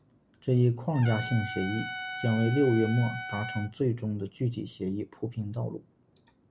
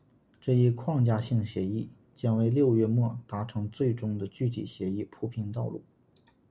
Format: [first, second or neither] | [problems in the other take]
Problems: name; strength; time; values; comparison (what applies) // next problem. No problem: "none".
second | background sound (Trumpet); 9 dB below the speech